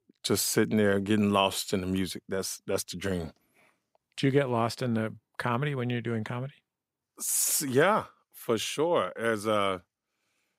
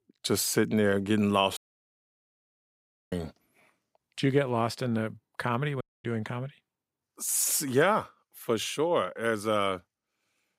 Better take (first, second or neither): first